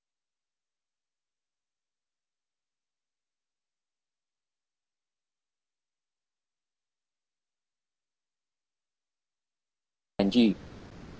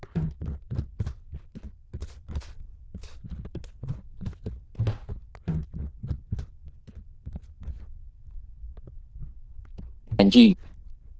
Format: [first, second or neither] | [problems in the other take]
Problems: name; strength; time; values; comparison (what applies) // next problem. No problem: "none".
first | noise reduction (neural diffusion model UNIVERSE++)